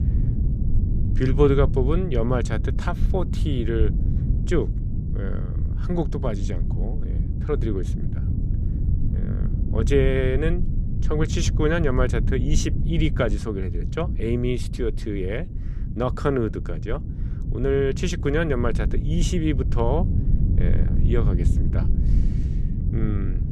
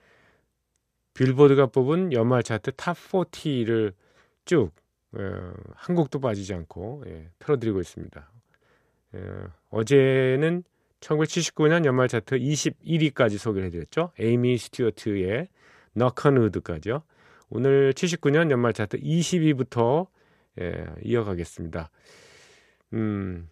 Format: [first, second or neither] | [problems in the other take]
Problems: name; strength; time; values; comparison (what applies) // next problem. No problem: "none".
second | low rumble; noticeable; throughout; 10 dB below the speech